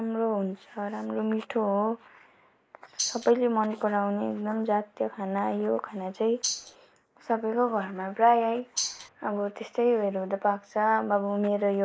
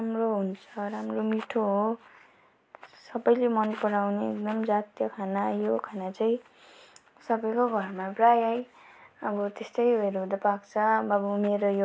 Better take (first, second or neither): second